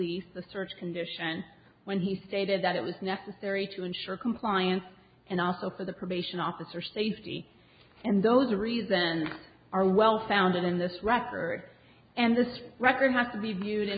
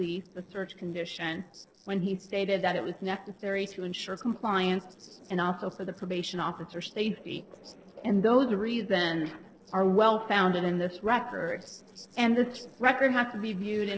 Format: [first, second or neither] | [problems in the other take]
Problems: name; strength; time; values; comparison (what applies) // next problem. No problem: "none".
first | noise reduction (neural separator model SepFormer DNS4)